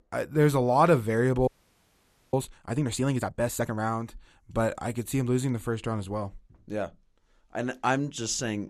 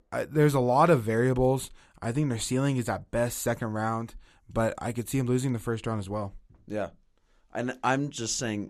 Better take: second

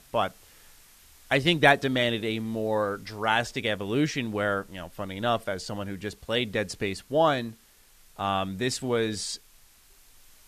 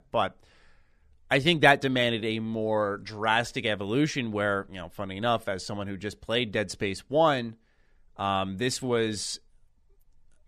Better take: second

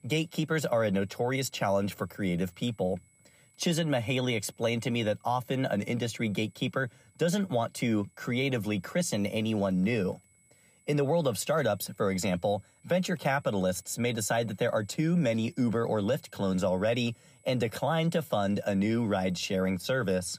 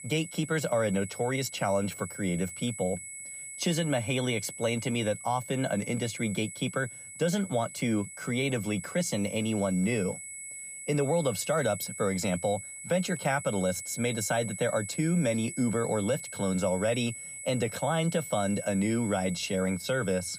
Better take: first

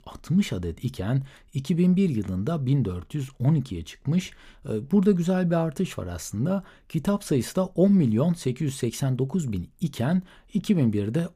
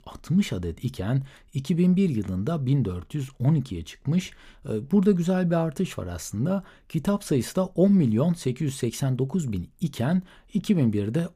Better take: neither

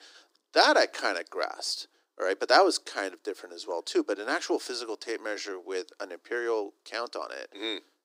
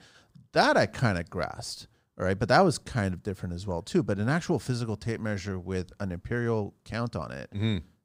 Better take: second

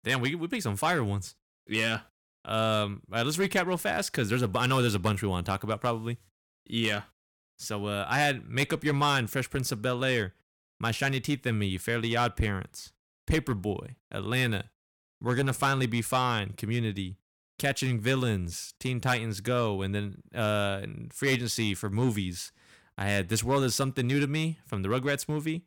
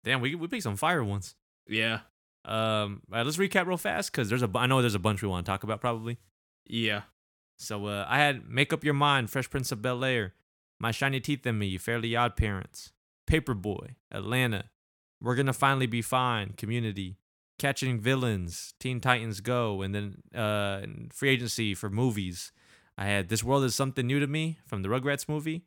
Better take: second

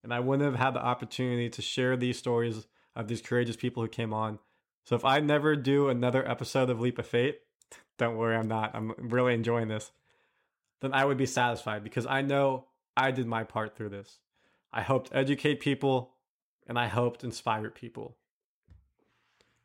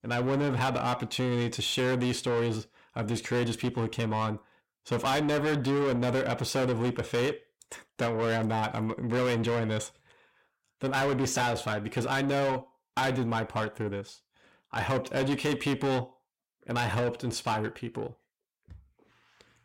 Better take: first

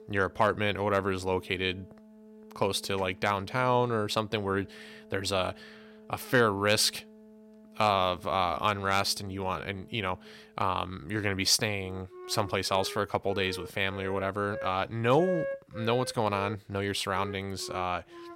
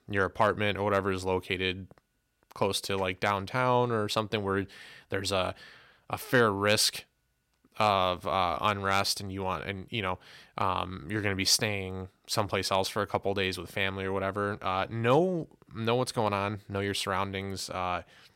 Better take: second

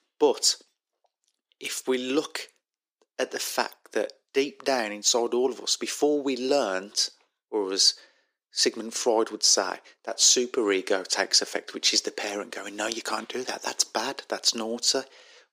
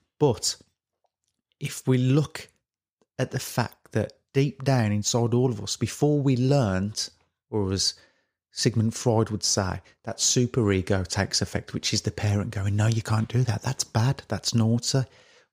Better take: second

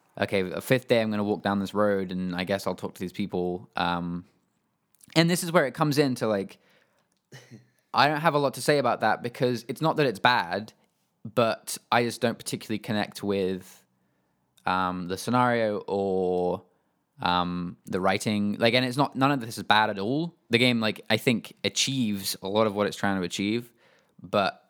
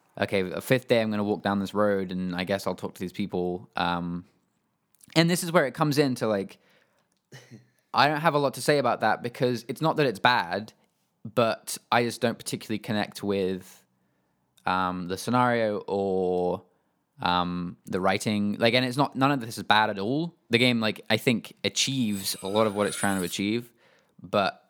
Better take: first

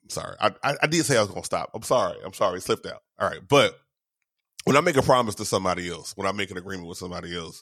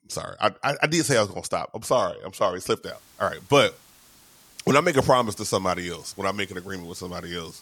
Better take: first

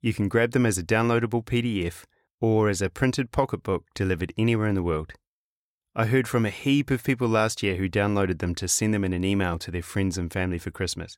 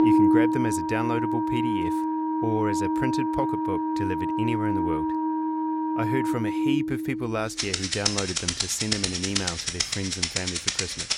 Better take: first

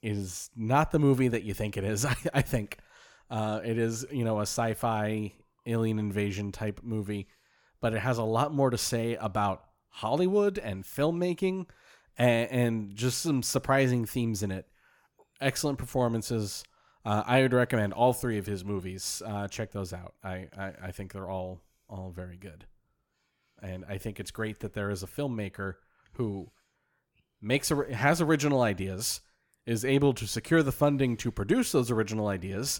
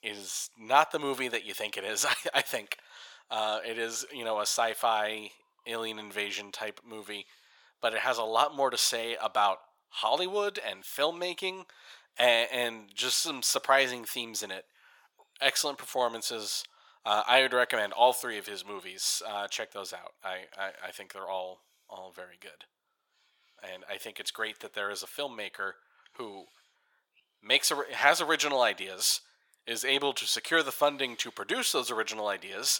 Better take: first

